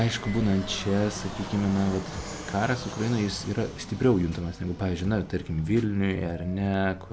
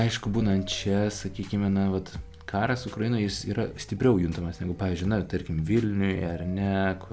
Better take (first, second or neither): second